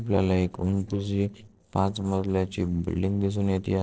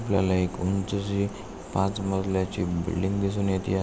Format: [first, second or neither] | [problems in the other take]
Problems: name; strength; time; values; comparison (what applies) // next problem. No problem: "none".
second | noise reduction (neural separator model SepFormer DNS4)